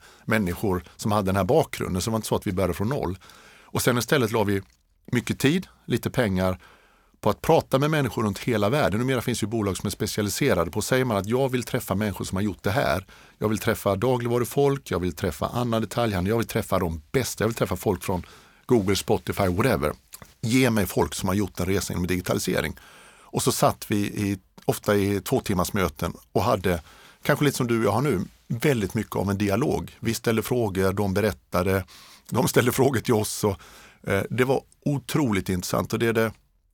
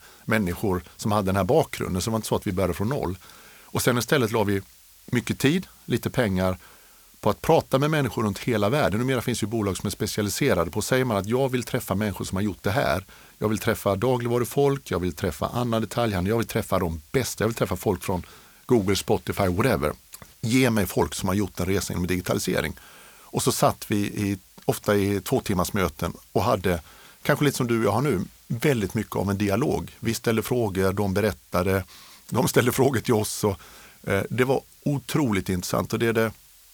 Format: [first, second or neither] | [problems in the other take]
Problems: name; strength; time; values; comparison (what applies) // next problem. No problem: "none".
first | hiss; faint; throughout; 25 dB below the speech